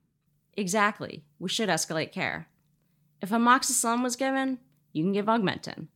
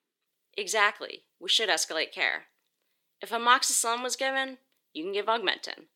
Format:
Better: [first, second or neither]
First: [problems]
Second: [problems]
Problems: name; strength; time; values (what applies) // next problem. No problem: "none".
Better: first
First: none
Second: thin; very; fading below 400 Hz